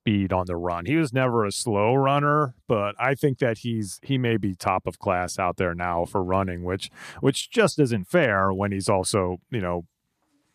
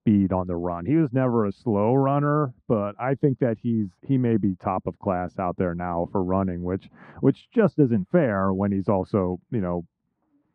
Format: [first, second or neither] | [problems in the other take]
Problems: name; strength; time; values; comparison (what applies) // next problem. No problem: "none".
first | muffled; very; fading above 1 kHz